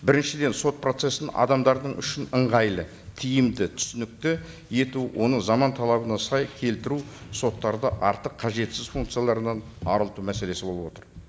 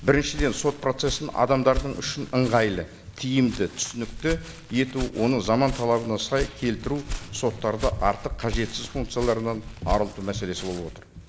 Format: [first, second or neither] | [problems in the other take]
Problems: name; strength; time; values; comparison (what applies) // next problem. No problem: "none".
first | background sound (Walk, footsteps); 10 dB below the speech